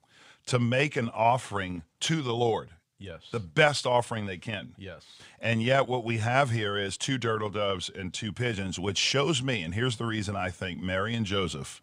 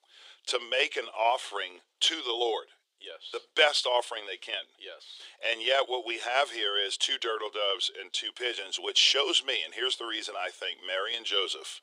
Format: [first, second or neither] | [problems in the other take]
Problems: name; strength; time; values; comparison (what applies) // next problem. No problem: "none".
first | thin; very; fading below 350 Hz